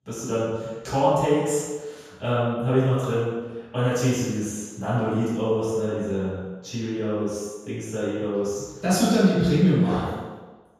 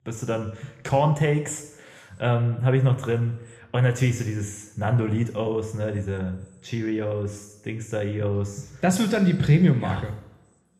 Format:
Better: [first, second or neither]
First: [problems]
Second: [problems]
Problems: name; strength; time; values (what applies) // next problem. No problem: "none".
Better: second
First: room echo; strong; dies away in 1.2 s // off-mic speech; far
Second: room echo; slight; dies away in 0.9 s